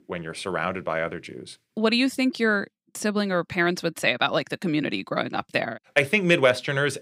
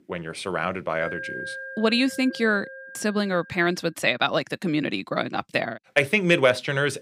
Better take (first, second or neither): first